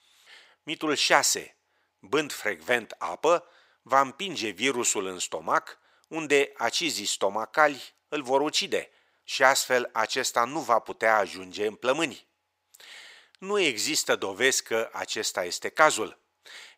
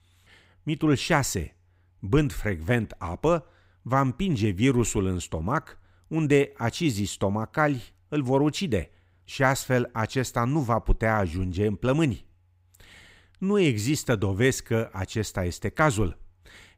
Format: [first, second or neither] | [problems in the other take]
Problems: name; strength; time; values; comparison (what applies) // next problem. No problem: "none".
second | thin; very; fading below 600 Hz